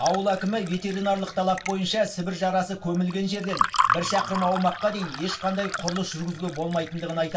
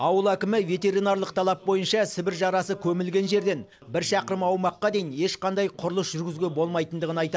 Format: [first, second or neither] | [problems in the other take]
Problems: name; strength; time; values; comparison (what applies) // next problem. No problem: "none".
second | background sound (Fill (with liquid) / Water); 6 dB below the speech // room echo; dies away in 0.2 s